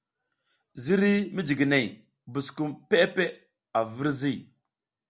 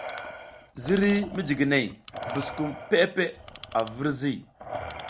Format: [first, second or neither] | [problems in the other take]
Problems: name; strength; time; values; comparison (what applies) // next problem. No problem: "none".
first | background sound (Clock + Respiratory sounds); 12 dB below the speech